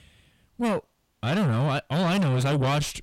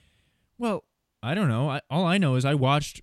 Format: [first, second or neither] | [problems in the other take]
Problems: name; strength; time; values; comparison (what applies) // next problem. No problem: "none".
second | distortion; heavy; 7 dB below the speech